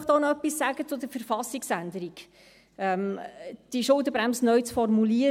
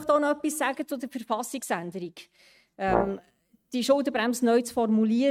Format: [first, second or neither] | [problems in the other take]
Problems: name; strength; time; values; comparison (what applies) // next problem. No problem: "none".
first | noise reduction (neural mask model RNNoise)